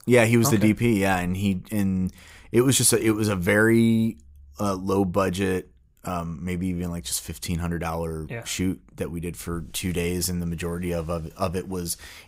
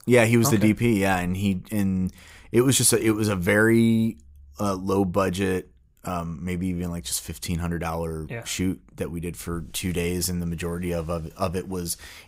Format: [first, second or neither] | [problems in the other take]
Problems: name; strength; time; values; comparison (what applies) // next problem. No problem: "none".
neither | none